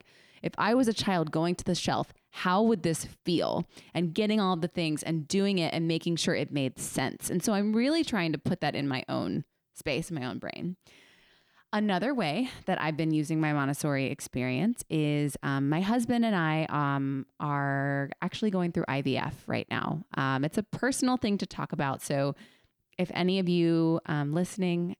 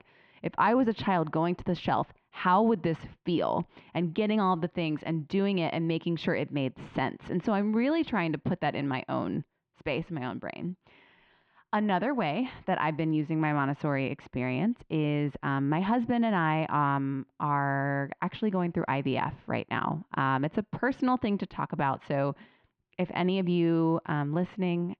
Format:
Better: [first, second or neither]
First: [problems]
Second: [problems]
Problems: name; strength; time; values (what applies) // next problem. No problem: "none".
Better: first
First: none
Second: muffled; very; fading above 3 kHz